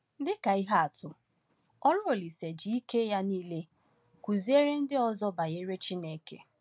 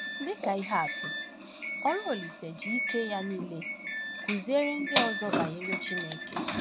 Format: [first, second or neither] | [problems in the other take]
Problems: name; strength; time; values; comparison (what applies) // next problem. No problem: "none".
first | background sound (Doorbell); as loud as the speech